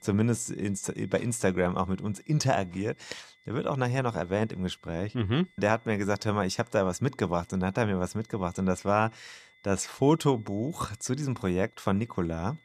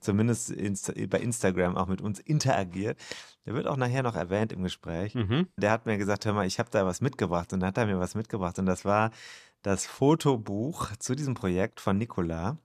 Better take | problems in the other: second | high-pitched whine; faint; throughout; 2 kHz, 30 dB below the speech

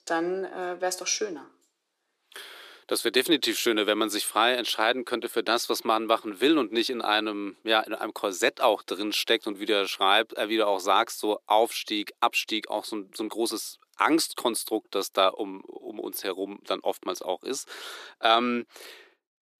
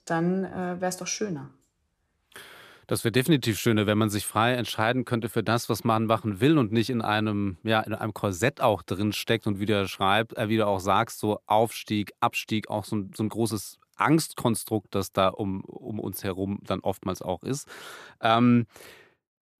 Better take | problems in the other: second | thin; somewhat; fading below 350 Hz

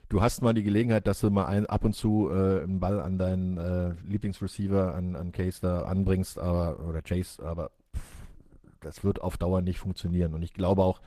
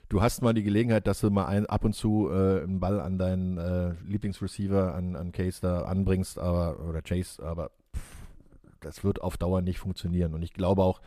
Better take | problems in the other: second | garbled, watery; slightly; nothing above 14.5 kHz

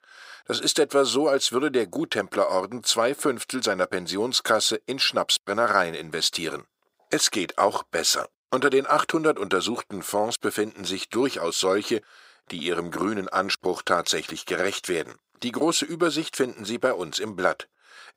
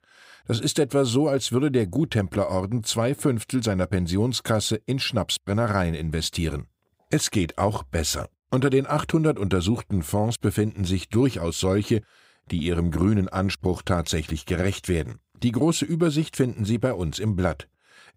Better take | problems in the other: second | thin; somewhat; fading below 450 Hz

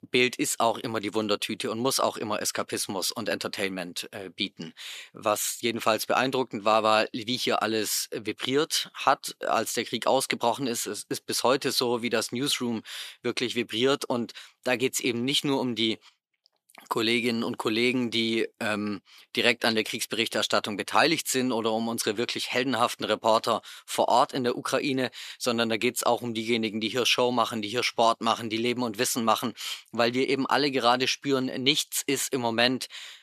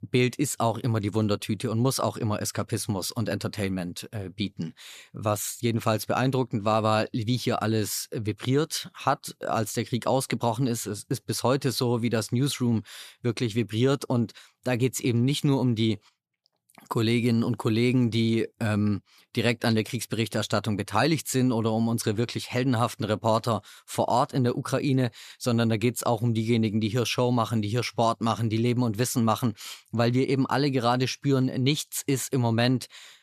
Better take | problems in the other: second | thin; somewhat; fading below 300 Hz

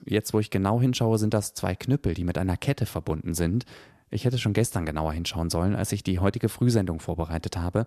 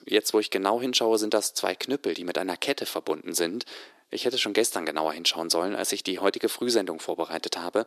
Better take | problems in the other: first | thin; somewhat; fading below 350 Hz

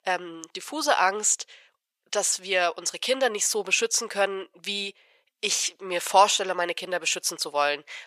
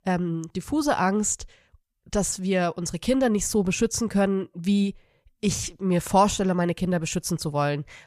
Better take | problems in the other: second | thin; very; fading below 450 Hz

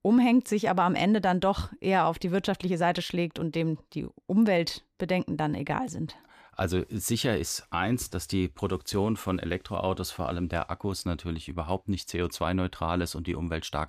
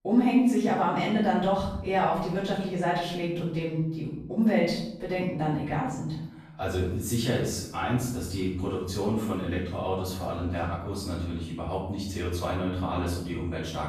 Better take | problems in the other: first | off-mic speech; far // room echo; noticeable; dies away in 0.7 s

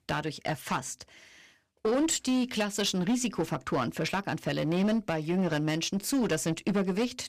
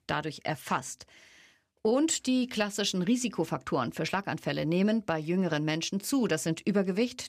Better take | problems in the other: second | distortion; slight; 9% of the sound clipped

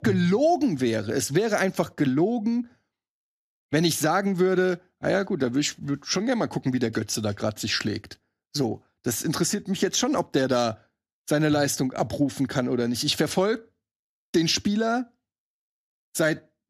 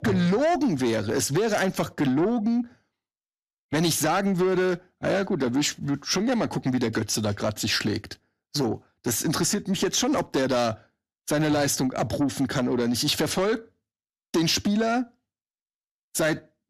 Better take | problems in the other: first | distortion; slight; 10 dB below the speech

